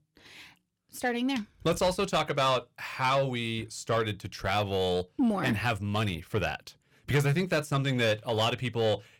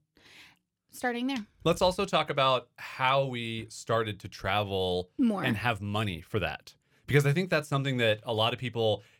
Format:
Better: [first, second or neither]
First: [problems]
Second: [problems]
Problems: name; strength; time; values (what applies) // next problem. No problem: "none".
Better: second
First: distortion; slight; 10 dB below the speech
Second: none